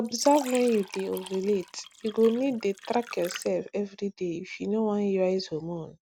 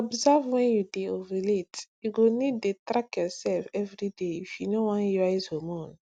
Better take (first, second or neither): second